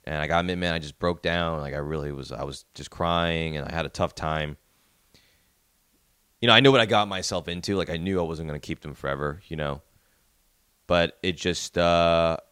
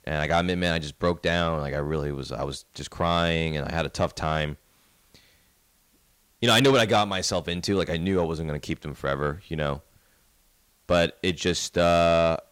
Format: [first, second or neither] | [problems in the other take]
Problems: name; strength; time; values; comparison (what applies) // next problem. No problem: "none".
first | distortion; slight; 10 dB below the speech